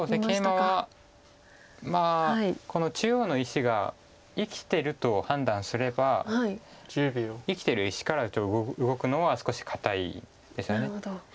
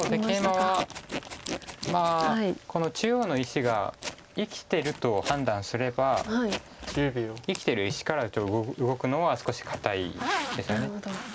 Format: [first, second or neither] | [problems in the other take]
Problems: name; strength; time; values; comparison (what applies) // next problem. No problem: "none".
first | background sound (Zipper (clothing)); 10 dB below the speech